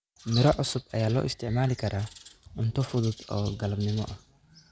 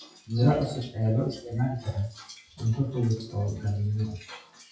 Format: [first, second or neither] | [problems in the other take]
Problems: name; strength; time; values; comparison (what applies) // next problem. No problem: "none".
first | noise reduction (classical method WPE with log-MMSE)